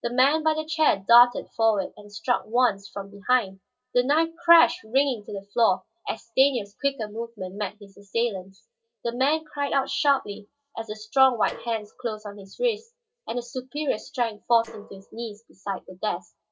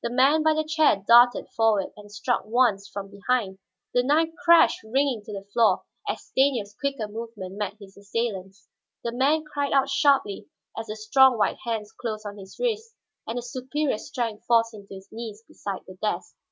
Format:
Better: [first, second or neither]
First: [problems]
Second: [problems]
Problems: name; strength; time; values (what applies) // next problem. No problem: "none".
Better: second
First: noise reduction (neural separator model SepFormer DNS4)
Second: none